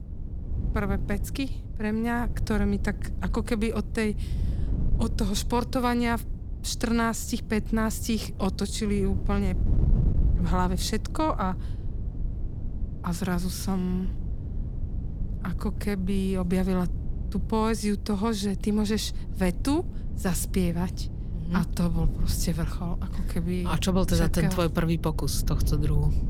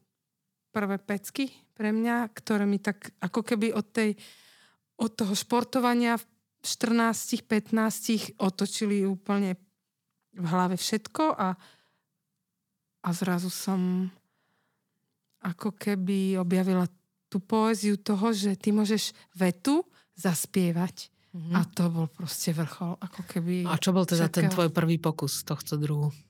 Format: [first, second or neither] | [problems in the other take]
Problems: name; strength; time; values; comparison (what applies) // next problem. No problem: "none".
second | wind noise on the microphone; occasional gusts; 15 dB below the speech